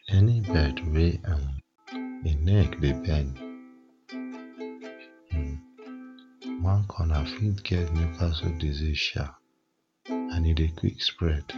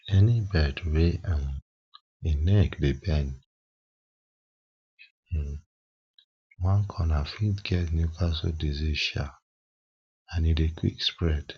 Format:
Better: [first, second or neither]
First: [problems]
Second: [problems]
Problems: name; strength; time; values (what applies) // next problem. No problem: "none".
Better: second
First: background sound (Plucked string instrument); 13 dB below the speech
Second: none